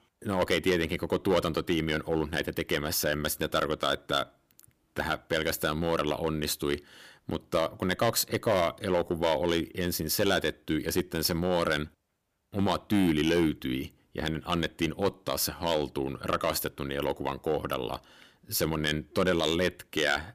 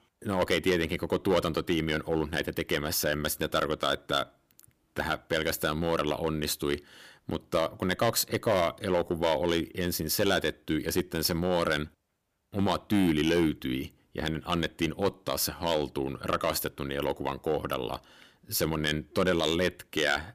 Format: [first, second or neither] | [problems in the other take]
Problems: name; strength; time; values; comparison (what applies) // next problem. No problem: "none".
neither | distortion; slight; 3% of the sound clipped; the same in both